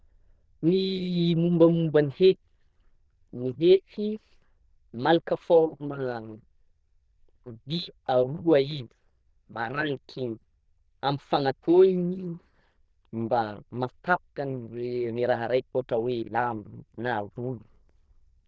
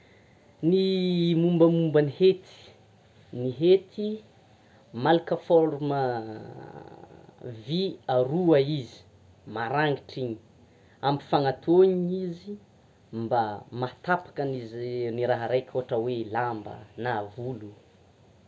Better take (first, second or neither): second